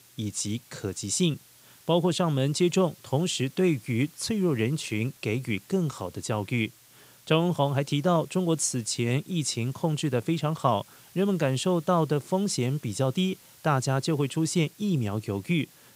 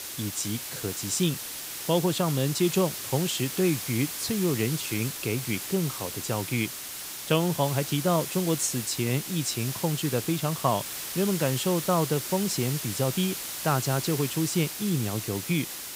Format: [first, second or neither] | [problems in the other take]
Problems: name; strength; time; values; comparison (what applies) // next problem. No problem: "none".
first | hiss; loud; throughout; 5 dB below the speech; faint in the first